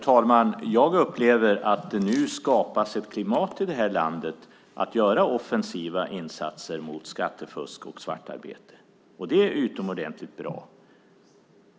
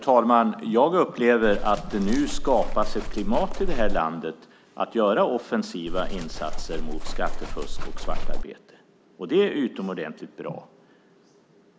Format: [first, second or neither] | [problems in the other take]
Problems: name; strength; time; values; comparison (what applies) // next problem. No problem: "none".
first | background sound (Livestock, farm animals, working animals); 1 dB above the speech